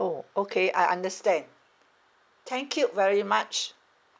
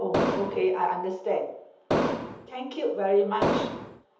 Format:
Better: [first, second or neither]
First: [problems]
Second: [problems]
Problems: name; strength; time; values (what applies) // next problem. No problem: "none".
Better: first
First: none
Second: background sound (Explosion); 2 dB above the speech // room echo; dies away in 0.8 s